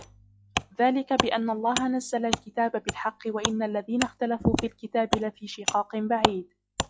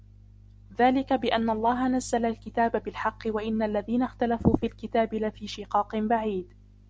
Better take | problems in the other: second | noise reduction (classical method log-MMSE)

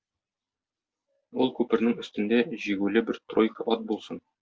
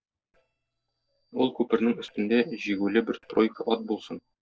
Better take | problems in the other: first | noise reduction (neural separator model SepFormer DNS4)

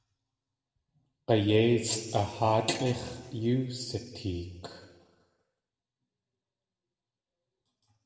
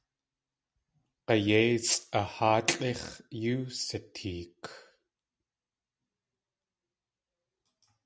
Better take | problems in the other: second | room echo; dies away in 1.4 s

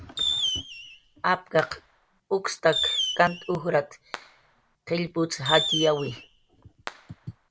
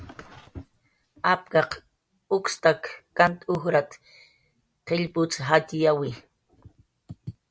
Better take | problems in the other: second | background sound (Fireworks); 4 dB below the speech

